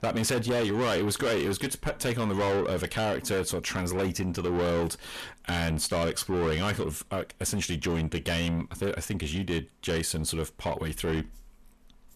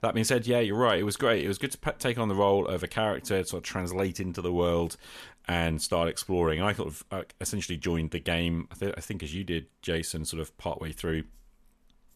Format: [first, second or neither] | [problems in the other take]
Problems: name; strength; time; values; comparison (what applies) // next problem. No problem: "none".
second | distortion; heavy; 7 dB below the speech